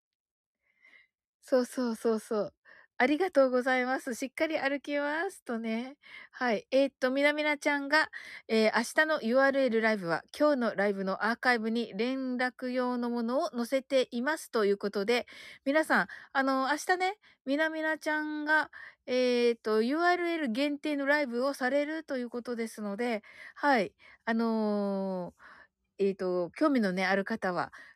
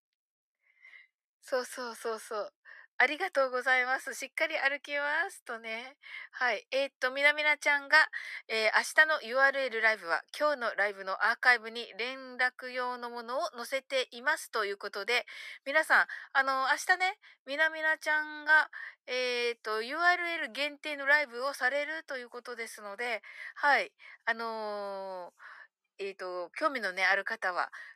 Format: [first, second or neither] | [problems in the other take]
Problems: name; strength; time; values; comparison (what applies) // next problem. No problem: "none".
first | thin; very; fading below 700 Hz